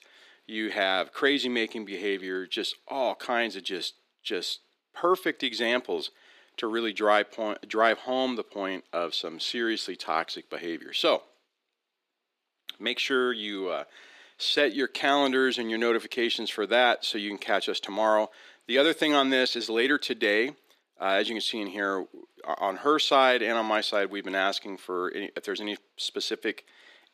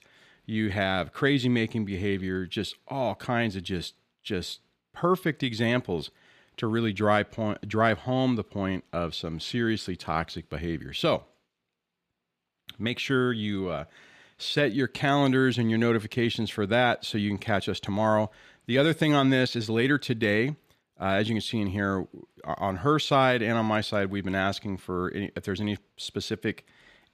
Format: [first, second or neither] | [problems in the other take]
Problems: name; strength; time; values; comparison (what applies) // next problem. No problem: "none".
second | thin; somewhat; fading below 300 Hz